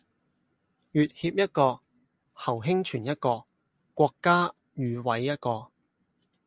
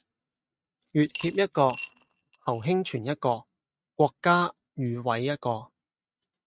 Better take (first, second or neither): first